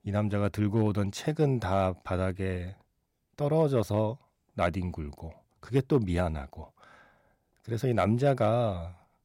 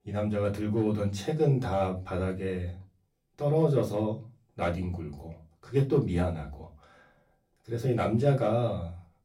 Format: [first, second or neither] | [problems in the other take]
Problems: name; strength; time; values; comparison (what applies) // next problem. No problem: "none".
first | off-mic speech; far // room echo; very slight; dies away in 0.3 s